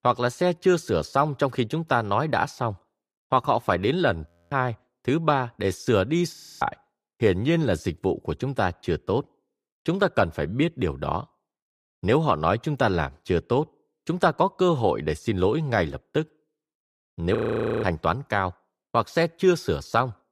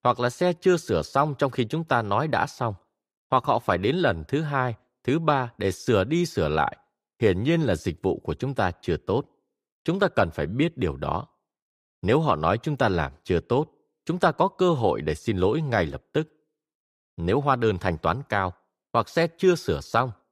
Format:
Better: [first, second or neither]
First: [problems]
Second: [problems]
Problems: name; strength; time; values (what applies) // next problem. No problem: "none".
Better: second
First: audio freezing; at 4.5 s, at 6.5 s and at 17 s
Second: none